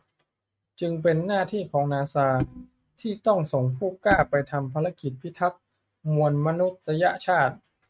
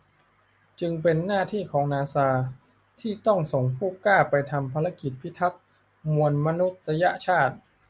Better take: second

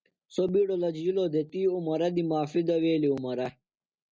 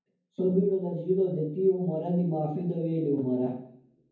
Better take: first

